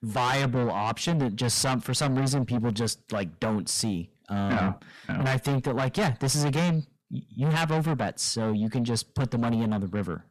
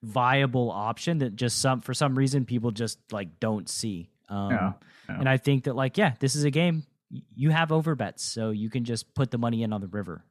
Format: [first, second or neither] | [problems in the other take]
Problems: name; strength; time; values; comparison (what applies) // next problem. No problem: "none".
second | distortion; heavy; 5 dB below the speech